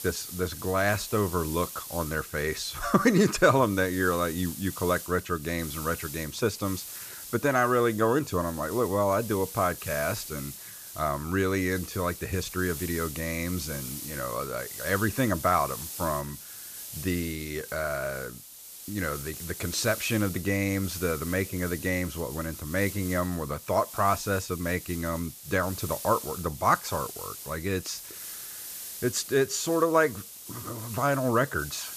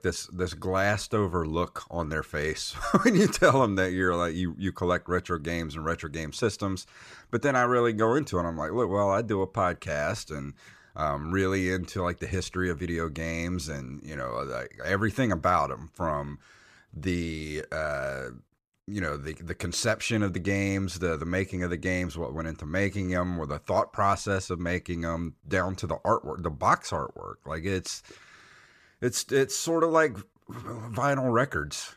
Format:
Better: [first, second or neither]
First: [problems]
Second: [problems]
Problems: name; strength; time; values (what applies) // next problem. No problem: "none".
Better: second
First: hiss; noticeable; throughout; 10 dB below the speech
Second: none